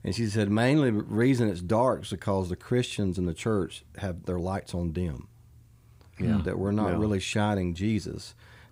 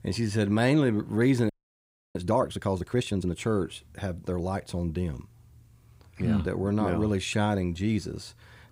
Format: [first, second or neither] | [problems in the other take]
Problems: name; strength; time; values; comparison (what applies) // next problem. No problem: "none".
first | audio freezing; at 1.5 s for 0.5 s